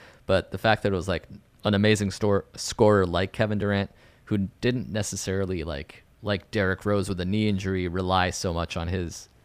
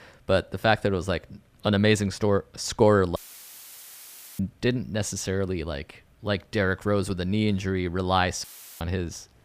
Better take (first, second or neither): first